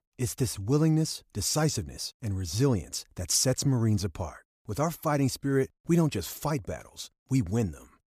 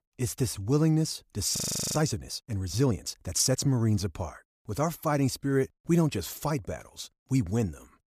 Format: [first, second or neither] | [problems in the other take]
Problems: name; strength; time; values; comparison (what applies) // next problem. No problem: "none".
first | audio freezing; at 1.5 s